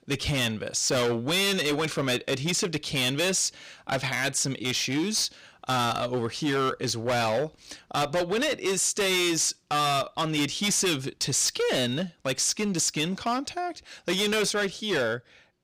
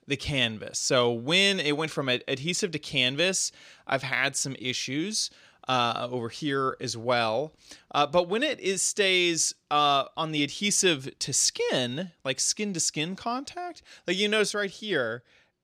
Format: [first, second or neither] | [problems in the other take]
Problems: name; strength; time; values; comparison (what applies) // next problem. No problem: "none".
second | distortion; heavy; 19% of the sound clipped